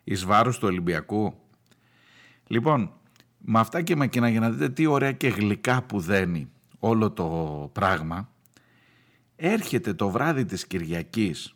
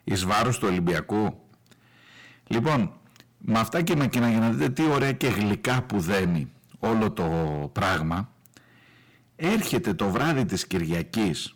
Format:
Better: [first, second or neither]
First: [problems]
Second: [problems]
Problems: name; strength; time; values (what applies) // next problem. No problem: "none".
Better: first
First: none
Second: distortion; heavy; 14% of the sound clipped